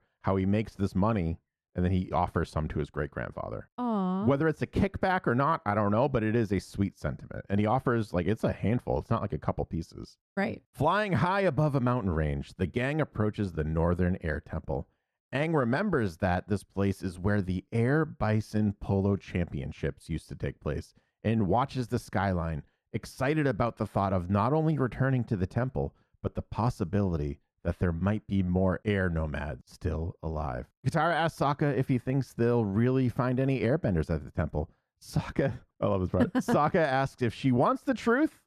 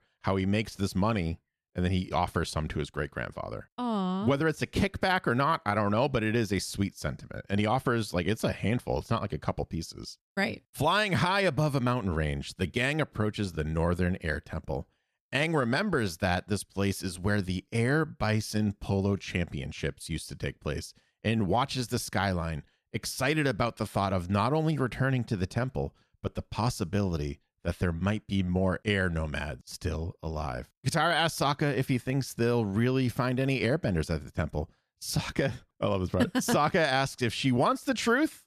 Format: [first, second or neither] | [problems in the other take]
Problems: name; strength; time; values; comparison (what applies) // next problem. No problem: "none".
second | muffled; slightly; fading above 2 kHz